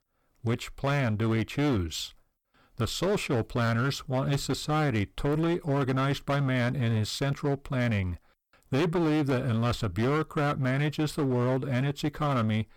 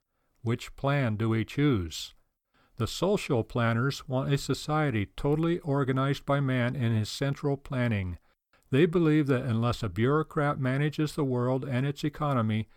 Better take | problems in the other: second | distortion; slight; 18% of the sound clipped

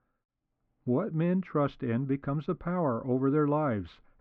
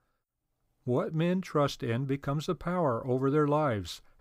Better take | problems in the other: second | muffled; very; fading above 2.5 kHz

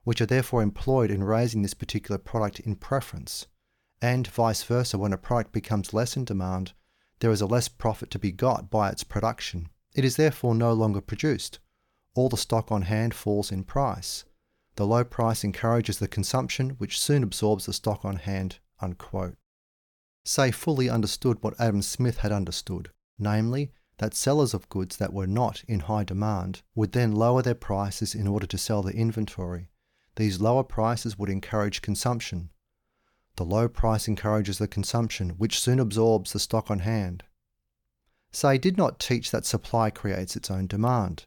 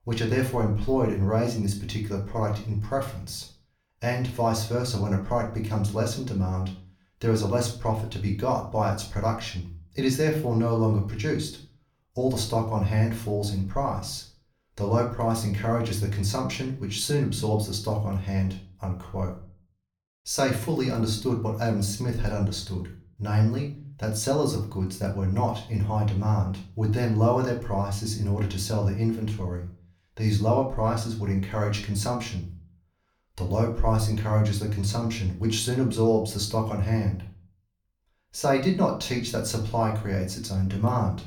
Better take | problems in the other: first | off-mic speech; far // room echo; slight; dies away in 0.4 s

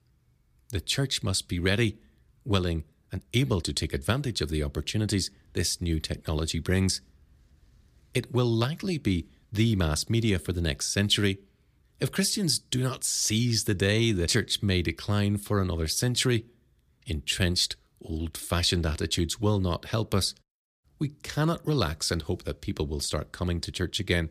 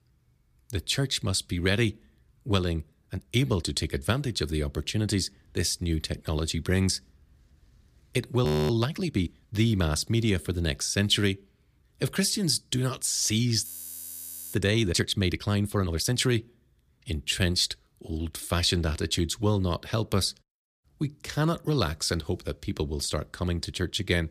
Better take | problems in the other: first | audio freezing; at 8.5 s and at 14 s for 1 s

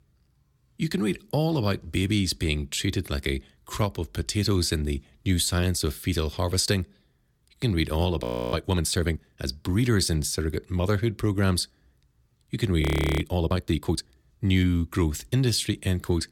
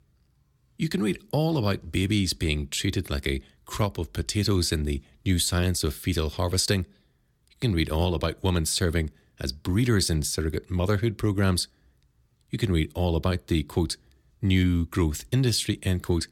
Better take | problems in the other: second | audio freezing; at 8 s and at 13 s

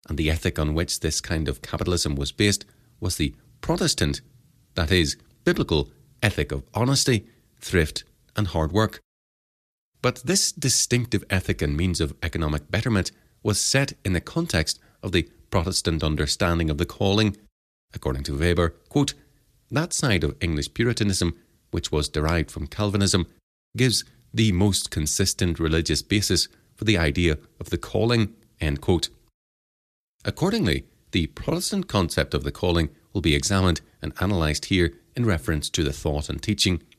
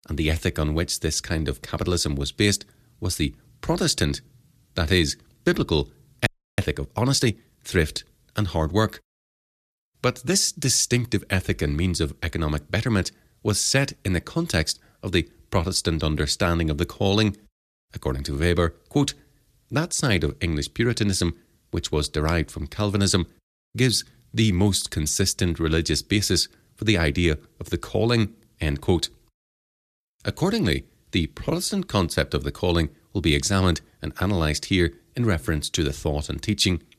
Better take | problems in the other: first | audio freezing; at 6.5 s

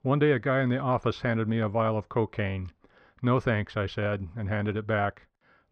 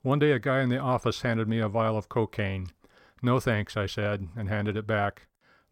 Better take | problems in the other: second | muffled; slightly; fading above 3 kHz

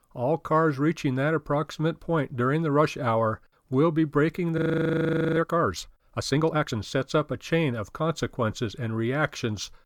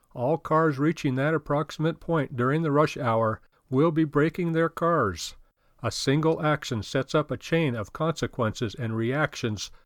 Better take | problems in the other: second | audio freezing; at 4.5 s for 1 s

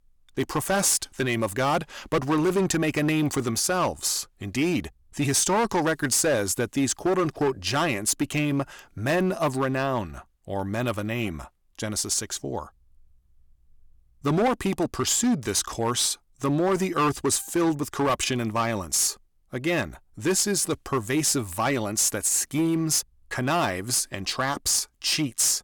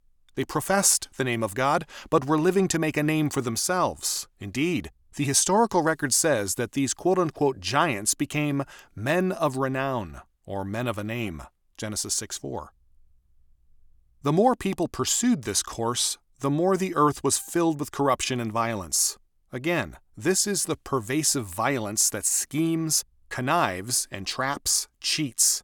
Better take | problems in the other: second | distortion; slight; 8% of the sound clipped

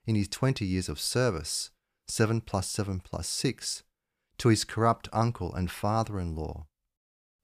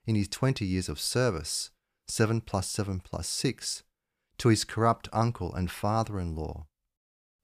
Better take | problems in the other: neither | none

